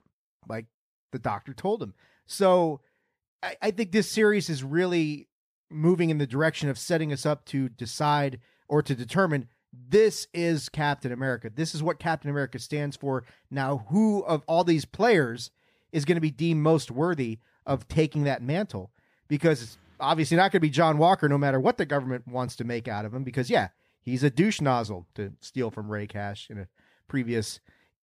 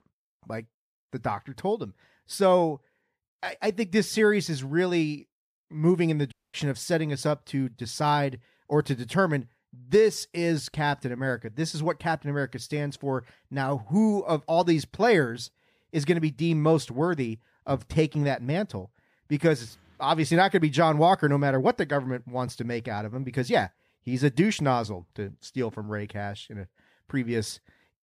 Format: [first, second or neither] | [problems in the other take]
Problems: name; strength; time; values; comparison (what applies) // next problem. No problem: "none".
first | audio cutting out; at 6.5 s